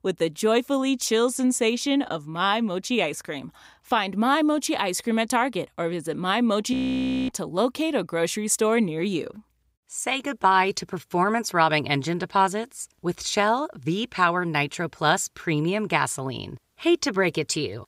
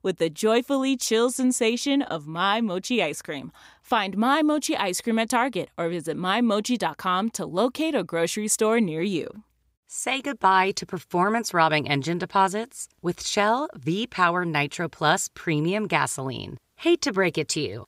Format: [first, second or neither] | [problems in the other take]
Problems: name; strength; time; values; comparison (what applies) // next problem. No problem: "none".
second | audio freezing; at 6.5 s for 0.5 s